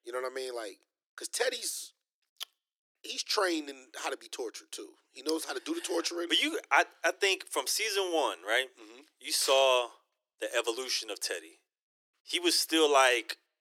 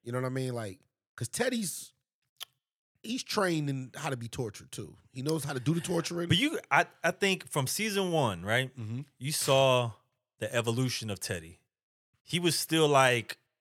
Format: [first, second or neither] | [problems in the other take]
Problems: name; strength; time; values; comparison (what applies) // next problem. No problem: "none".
second | thin; very; fading below 300 Hz